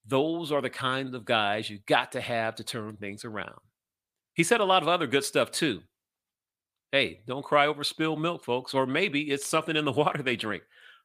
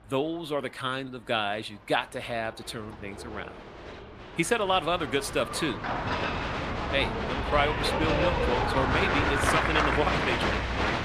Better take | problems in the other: first | crowd noise; very loud; throughout; 2 dB above the speech

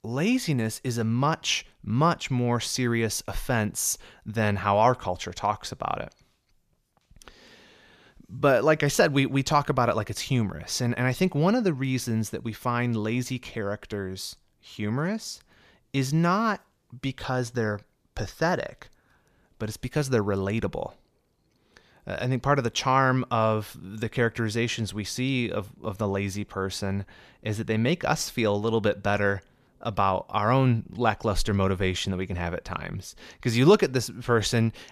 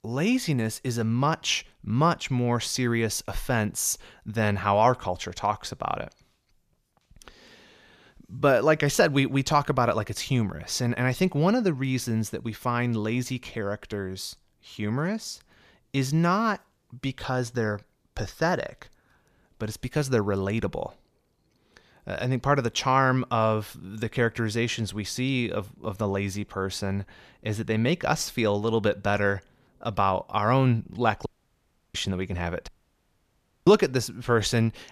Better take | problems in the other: first | audio cutting out; at 31 s for 0.5 s and at 33 s for 1 s

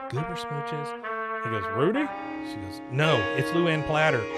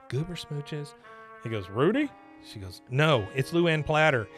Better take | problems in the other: second | background music; loud; throughout; 4 dB below the speech; faint in the second

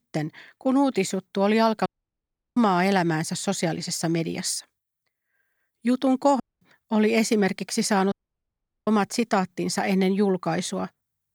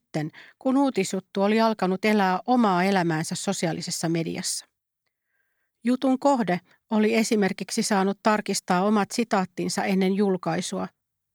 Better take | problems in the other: second | audio cutting out; at 2 s for 0.5 s, at 6.5 s and at 8 s for 1 s

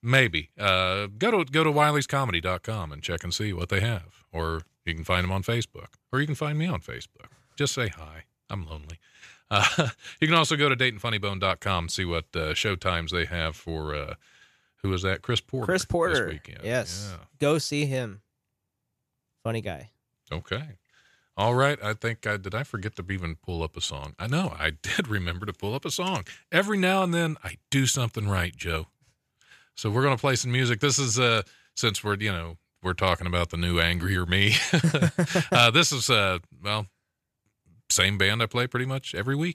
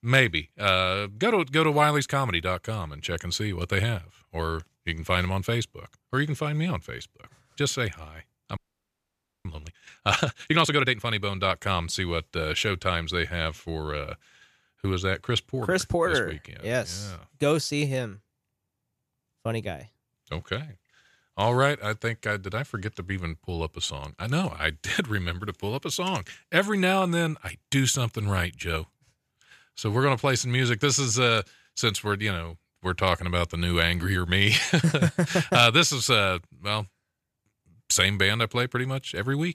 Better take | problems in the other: first | audio freezing; at 8.5 s for 1 s

